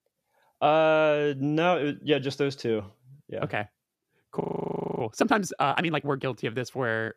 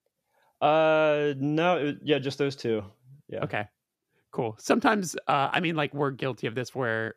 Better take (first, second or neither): second